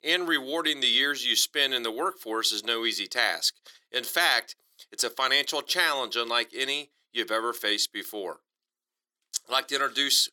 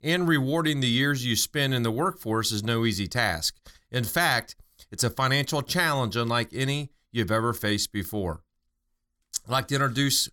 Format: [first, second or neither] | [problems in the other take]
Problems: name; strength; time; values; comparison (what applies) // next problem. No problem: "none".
second | thin; very; fading below 350 Hz